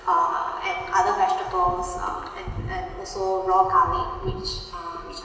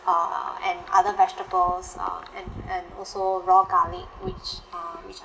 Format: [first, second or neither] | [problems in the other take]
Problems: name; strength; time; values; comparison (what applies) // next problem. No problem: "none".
second | room echo; dies away in 1.3 s